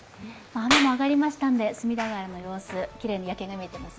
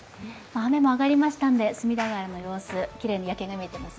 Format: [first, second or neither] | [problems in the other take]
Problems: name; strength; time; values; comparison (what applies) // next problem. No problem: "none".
second | background sound (Clapping); 5 dB below the speech